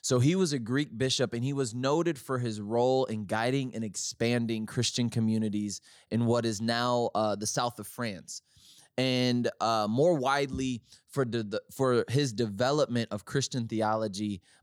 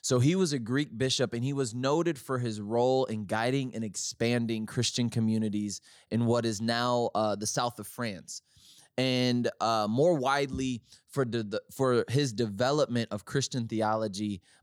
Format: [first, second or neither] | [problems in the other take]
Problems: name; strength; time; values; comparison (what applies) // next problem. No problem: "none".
neither | none